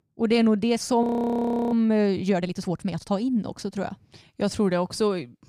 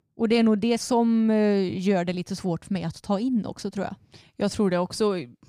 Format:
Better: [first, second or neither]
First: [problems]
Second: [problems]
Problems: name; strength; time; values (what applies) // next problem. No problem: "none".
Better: second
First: audio freezing; at 1 s for 0.5 s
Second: none